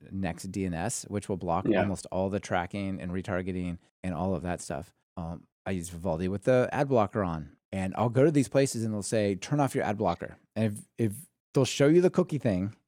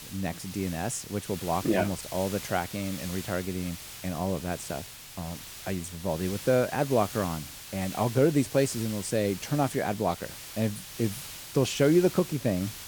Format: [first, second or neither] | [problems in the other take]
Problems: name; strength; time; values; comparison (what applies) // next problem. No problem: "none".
first | hiss; noticeable; throughout; 10 dB below the speech